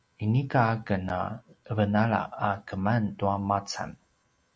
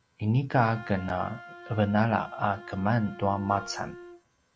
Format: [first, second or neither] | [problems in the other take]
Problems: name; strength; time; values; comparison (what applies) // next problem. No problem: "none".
first | background sound (Wind instrument, woodwind instrument + Wind instrument, woodwind instrument); 17 dB below the speech